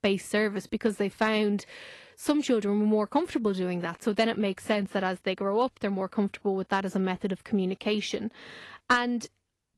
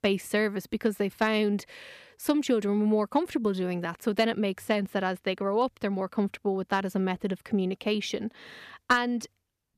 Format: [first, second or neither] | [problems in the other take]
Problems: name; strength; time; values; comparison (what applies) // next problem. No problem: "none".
second | garbled, watery; slightly; nothing above 11.5 kHz